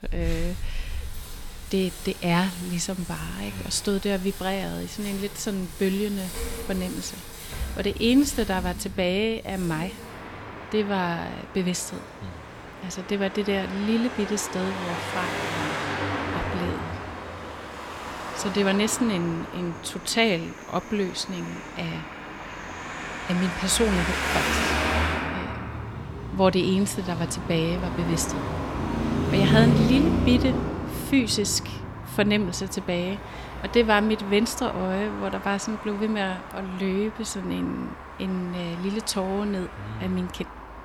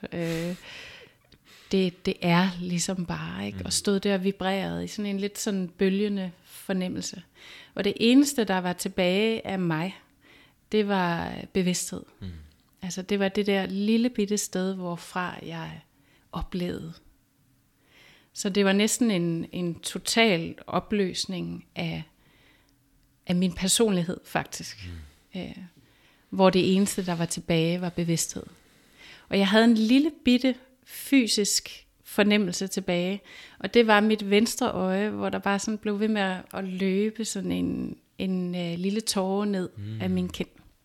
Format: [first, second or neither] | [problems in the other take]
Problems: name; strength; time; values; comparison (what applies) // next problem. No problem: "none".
second | traffic noise; loud; throughout; 5 dB below the speech